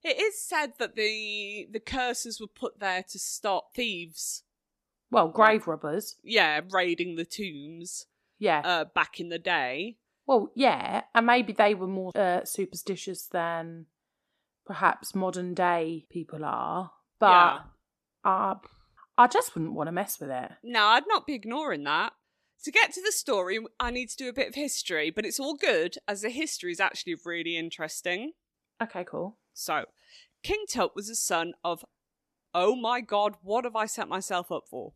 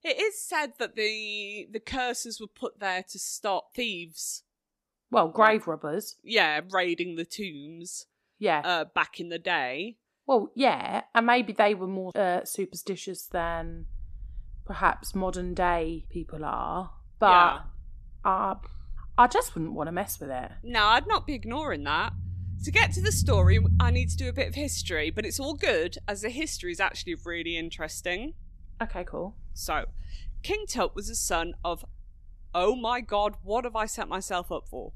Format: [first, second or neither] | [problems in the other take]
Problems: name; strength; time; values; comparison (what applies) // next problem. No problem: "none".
first | low rumble; noticeable; from 13 s on; 20 dB below the speech